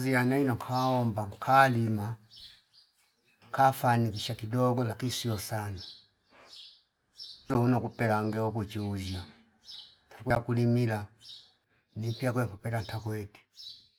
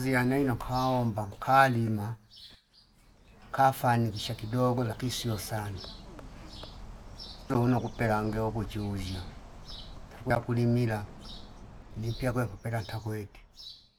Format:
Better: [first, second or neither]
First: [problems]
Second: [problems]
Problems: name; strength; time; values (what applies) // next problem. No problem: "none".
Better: first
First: none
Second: background sound (Bird); 16 dB below the speech